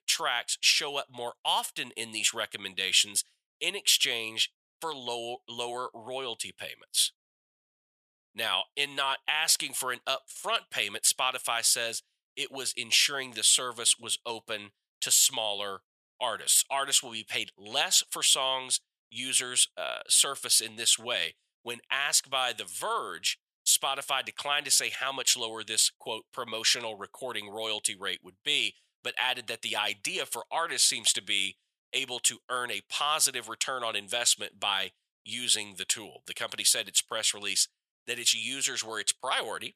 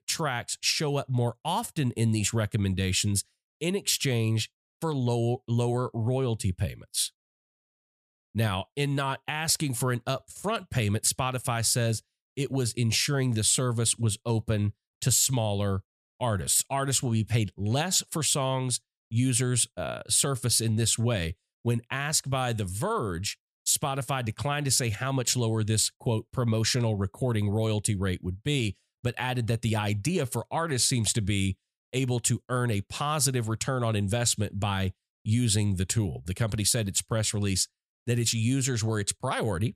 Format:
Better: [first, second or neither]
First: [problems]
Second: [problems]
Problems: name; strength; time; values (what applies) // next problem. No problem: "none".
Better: second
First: thin; very; fading below 700 Hz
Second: none